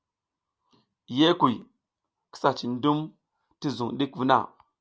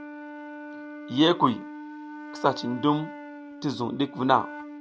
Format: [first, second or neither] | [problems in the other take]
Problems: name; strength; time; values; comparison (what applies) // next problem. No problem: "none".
first | background sound (Wind instrument, woodwind instrument); 12 dB below the speech